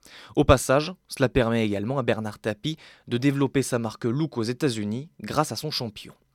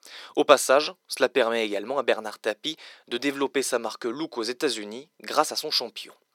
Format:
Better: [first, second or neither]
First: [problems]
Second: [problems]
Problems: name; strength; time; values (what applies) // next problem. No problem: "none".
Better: first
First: none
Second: thin; somewhat; fading below 400 Hz